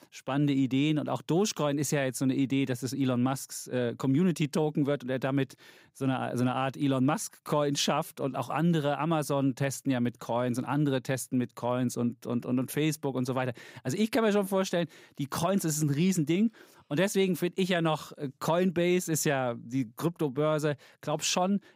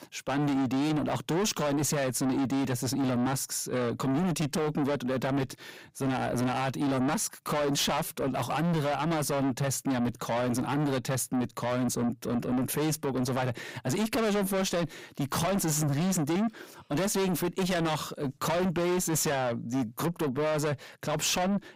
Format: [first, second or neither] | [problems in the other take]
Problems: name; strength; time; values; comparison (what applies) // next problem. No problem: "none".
first | distortion; heavy; 6 dB below the speech